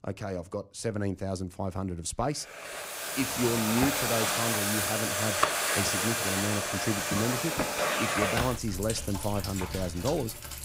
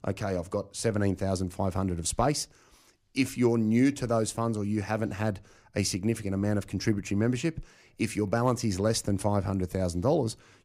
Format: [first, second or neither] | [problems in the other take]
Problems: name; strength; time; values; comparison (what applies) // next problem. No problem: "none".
second | household noises; very loud; from 3 s on; 3 dB above the speech